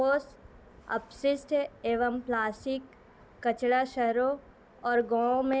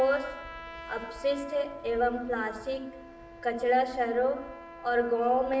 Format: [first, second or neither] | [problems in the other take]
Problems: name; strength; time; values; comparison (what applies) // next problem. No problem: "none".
first | background sound (Trumpet); 16 dB below the speech // room echo; dies away in 0.8 s